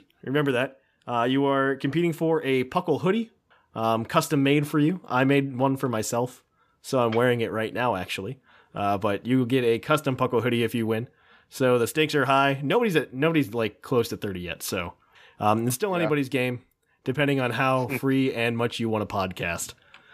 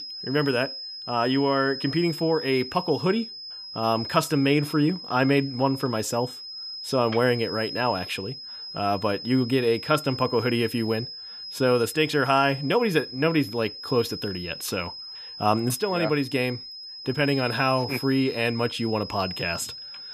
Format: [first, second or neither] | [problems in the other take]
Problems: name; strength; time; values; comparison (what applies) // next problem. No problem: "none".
first | high-pitched whine; loud; throughout; 5 kHz, 10 dB below the speech